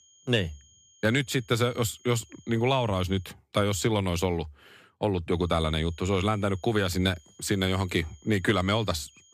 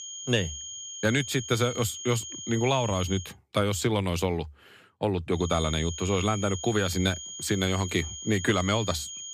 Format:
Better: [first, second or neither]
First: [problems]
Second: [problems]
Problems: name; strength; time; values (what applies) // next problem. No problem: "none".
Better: first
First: high-pitched whine; faint; until 3.5 s and from 5.5 s on; 6.5 kHz, 30 dB below the speech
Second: high-pitched whine; loud; until 3.5 s and from 5.5 s on; 6.5 kHz, 9 dB below the speech